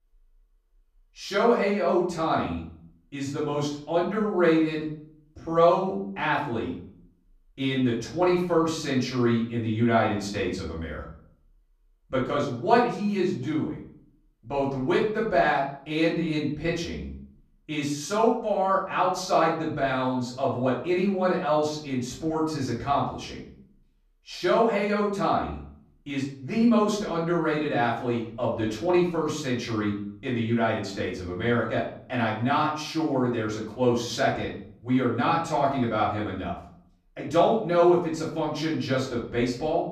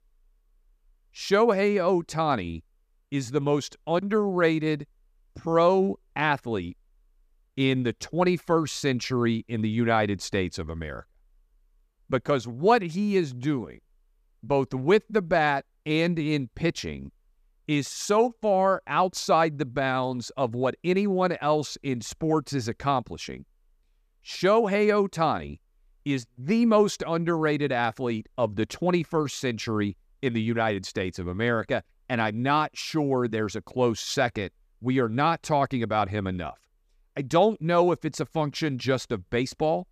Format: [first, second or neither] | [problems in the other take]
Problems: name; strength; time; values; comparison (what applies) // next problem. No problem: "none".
second | room echo; noticeable; dies away in 0.5 s // off-mic speech; far